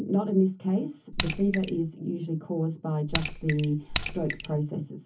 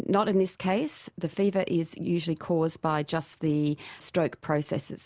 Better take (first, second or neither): second